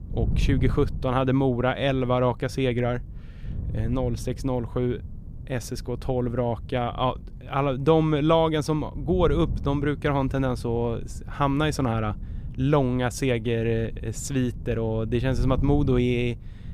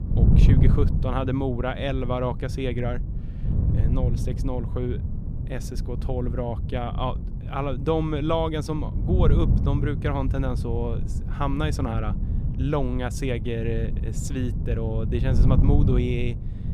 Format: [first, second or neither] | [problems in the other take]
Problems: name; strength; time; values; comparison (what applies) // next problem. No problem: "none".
first | wind noise on the microphone; heavy; 8 dB below the speech; occasional gusts in the first